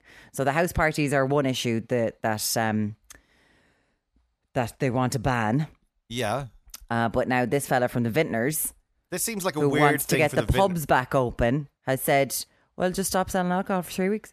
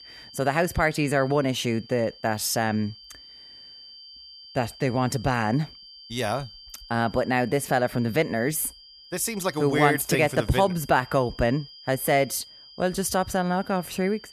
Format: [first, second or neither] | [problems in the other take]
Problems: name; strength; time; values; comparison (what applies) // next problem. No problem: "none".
first | high-pitched whine; noticeable; throughout; 4.5 kHz, 20 dB below the speech